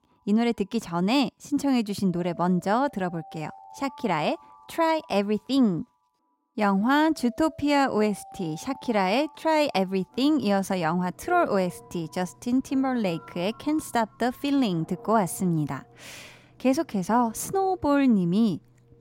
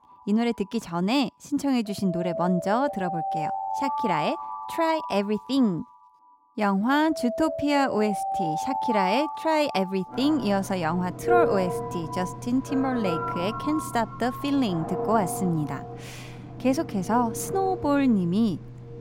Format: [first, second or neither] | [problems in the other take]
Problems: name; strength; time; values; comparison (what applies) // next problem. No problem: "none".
first | alarms or sirens; loud; throughout; 6 dB below the speech; faint in the first